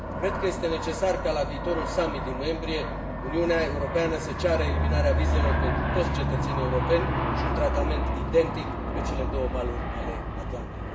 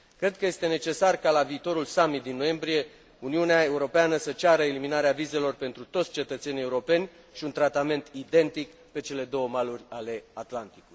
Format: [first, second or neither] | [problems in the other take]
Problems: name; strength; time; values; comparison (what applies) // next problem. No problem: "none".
second | background sound (Aircraft); 2 dB above the speech // room echo; dies away in 0.5 s